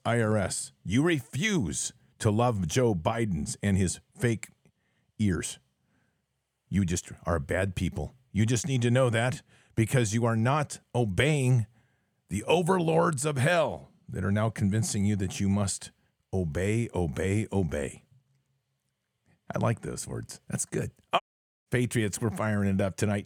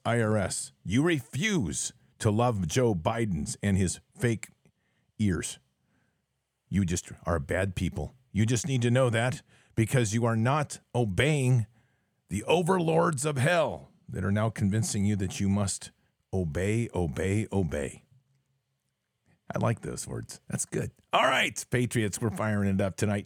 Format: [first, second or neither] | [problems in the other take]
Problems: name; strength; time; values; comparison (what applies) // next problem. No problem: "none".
second | audio cutting out; at 21 s